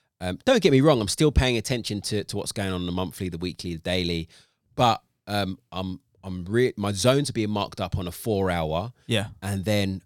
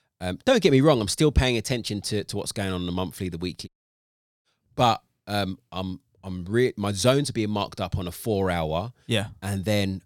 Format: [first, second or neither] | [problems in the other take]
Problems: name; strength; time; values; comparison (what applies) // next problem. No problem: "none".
first | audio cutting out; at 3.5 s for 1 s